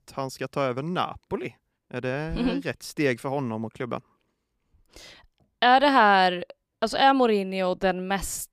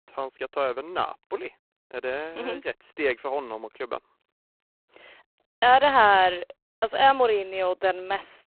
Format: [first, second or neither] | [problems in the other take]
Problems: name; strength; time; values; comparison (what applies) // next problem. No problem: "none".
first | phone-call audio; poor line